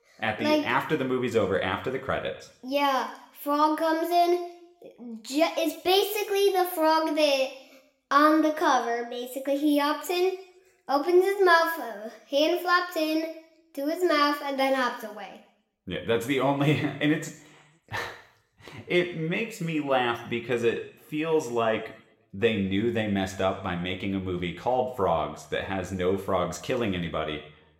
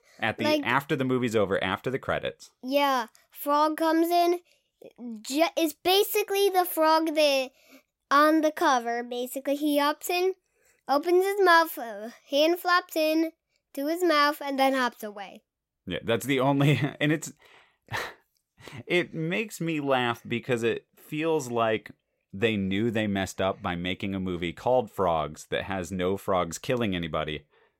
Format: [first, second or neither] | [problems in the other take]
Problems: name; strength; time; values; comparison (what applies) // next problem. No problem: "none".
second | room echo; slight; dies away in 0.7 s